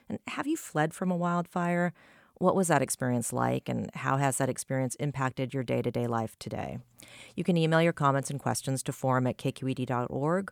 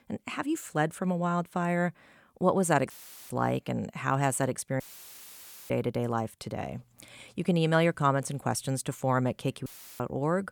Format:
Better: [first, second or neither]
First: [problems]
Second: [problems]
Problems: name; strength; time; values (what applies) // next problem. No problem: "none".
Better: first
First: none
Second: audio cutting out; filled with static; at 3 s, at 5 s for 1 s and at 9.5 s